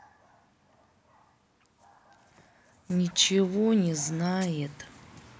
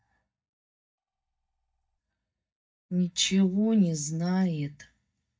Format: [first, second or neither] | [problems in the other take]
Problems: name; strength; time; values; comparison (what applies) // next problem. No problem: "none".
first | noise reduction (neural mask model DeepFilterNet 3)